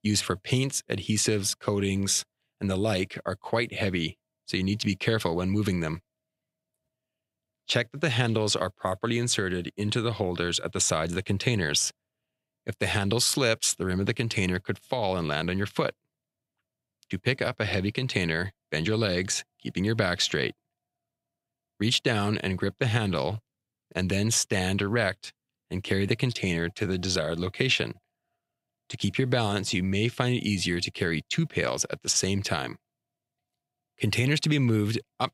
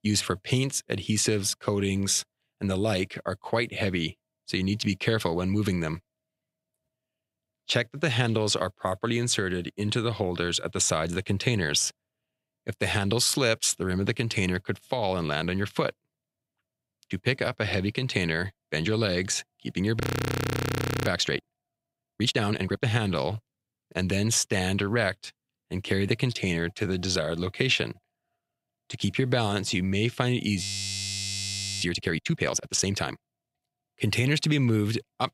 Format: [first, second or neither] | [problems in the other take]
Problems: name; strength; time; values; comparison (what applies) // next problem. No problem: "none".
first | audio freezing; at 20 s for 1 s and at 31 s for 1 s